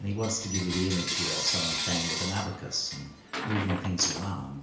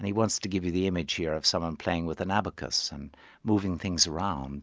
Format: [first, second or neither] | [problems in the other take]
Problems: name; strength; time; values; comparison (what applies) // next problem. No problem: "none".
second | background sound (Coin (dropping) / Bell); 3 dB below the speech // room echo; dies away in 0.5 s